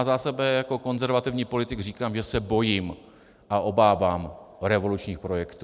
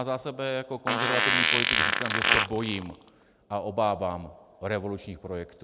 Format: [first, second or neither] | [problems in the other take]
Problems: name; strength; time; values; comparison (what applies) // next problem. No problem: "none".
first | background sound (Fart); 5 dB above the speech